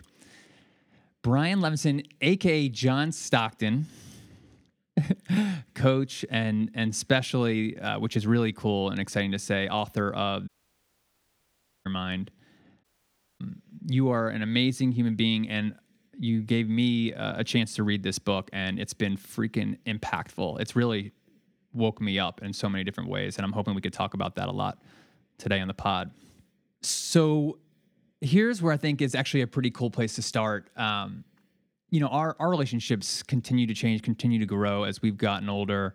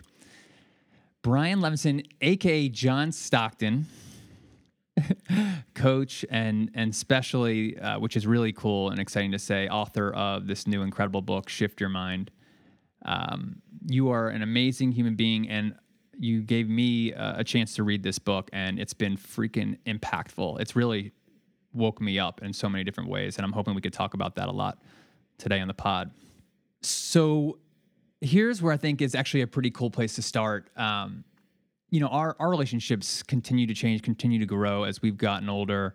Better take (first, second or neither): second